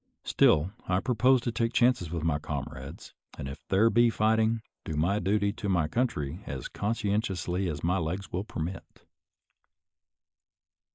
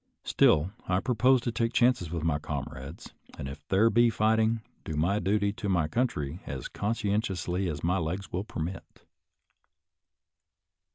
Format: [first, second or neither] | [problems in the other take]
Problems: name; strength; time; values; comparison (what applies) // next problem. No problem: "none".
second | noise reduction (neural mask model Resemble Enhance denoiser)